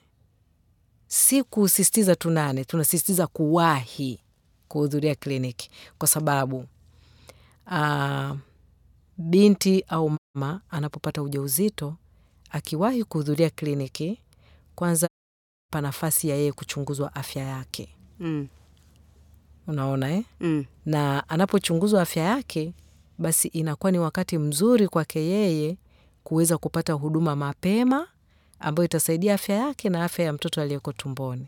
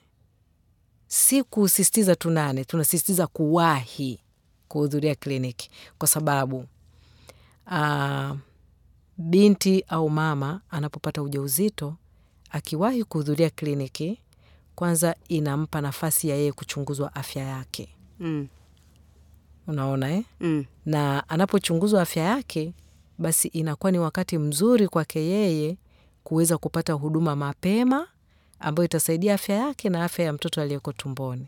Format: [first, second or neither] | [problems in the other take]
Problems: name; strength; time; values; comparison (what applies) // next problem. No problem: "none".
second | audio cutting out; at 10 s and at 15 s for 0.5 s